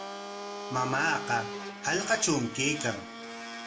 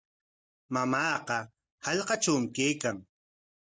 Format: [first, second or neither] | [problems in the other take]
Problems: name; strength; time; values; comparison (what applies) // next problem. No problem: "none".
second | background sound (Domestic sounds, home sounds); 8 dB below the speech // room echo; dies away in 0.5 s